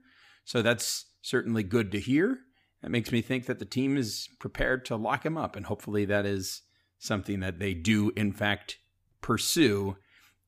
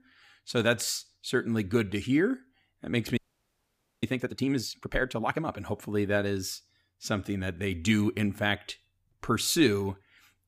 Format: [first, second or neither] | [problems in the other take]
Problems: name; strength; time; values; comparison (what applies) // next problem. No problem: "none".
first | audio freezing; at 3 s for 1 s